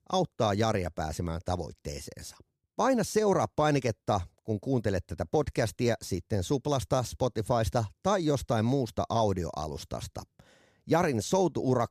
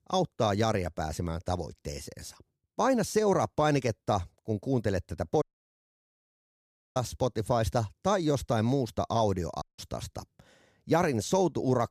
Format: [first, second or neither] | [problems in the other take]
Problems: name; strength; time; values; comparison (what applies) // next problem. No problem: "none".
first | audio cutting out; at 5.5 s for 1.5 s and at 9.5 s